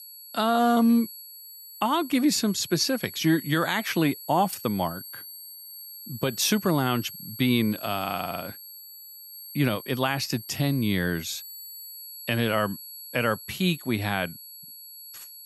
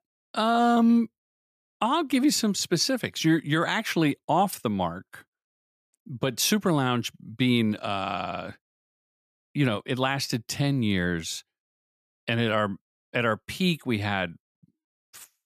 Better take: second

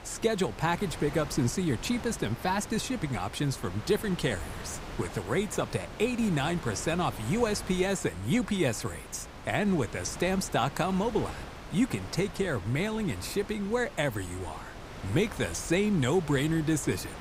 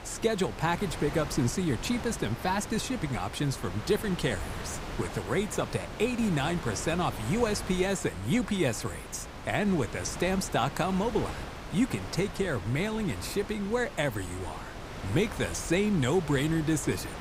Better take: first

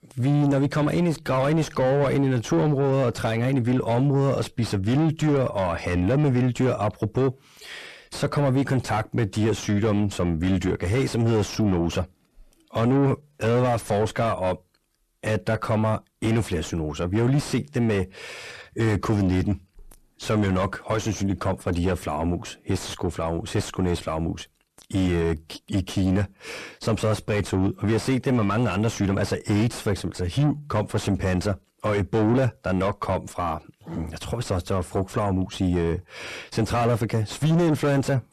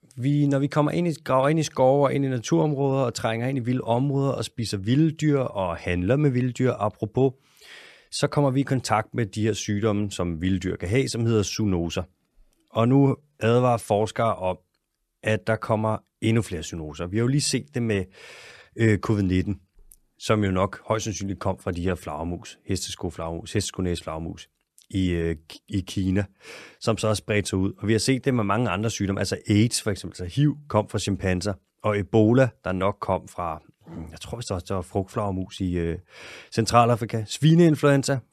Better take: second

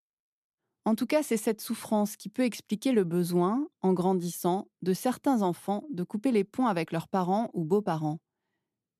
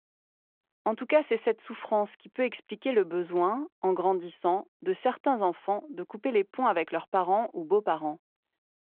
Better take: first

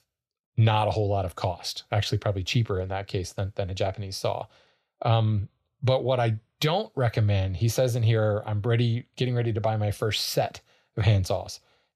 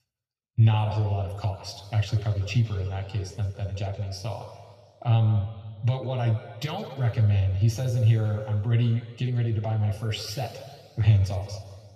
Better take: first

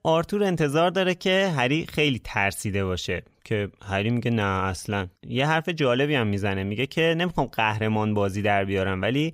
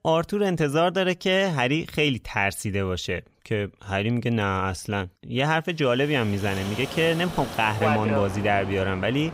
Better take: first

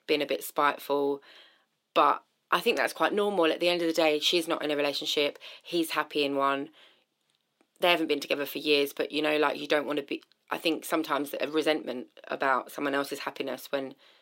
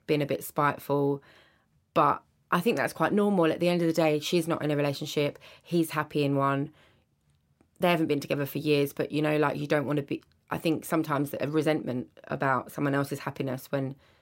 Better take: second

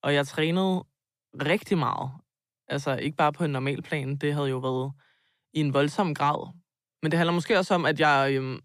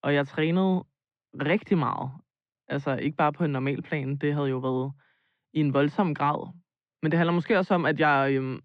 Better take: first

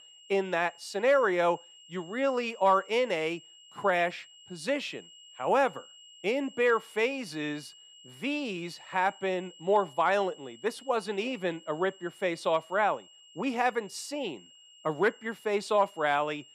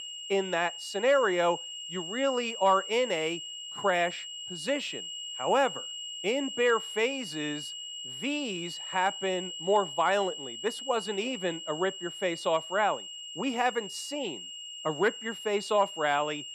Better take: first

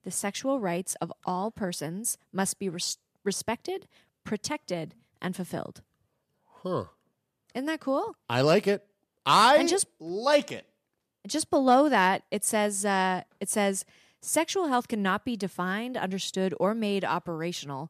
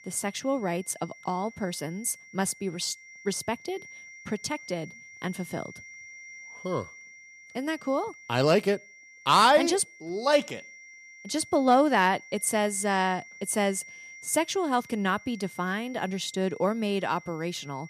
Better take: first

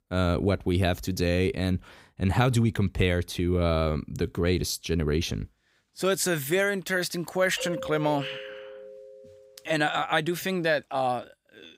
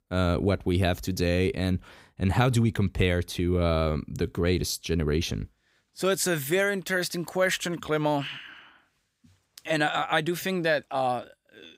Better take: second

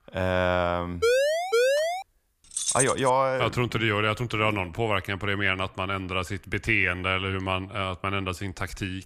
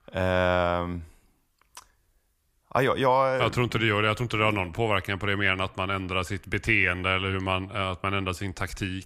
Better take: second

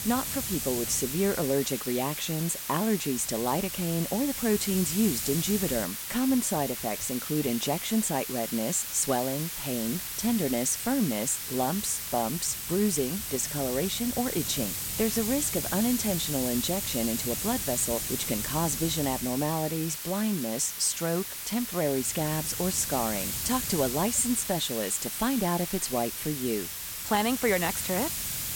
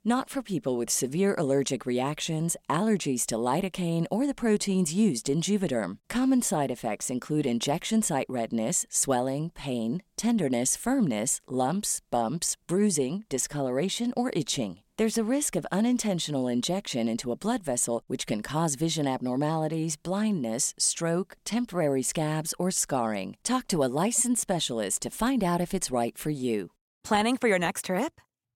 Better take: second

